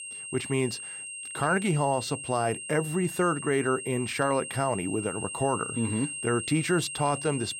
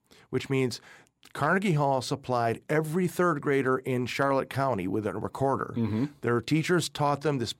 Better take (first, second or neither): second